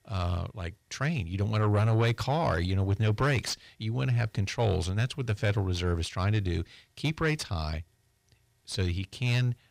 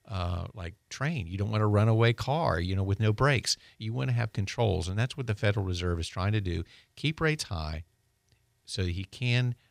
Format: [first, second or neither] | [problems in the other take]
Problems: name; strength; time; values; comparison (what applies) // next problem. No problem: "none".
second | distortion; slight; 10 dB below the speech